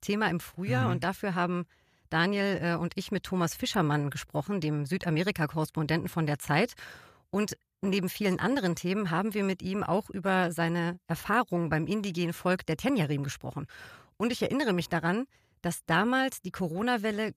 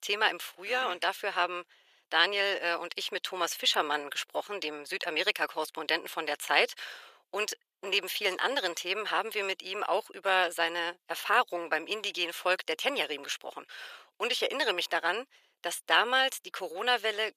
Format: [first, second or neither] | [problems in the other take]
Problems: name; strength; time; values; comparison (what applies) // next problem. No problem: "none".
first | thin; very; fading below 450 Hz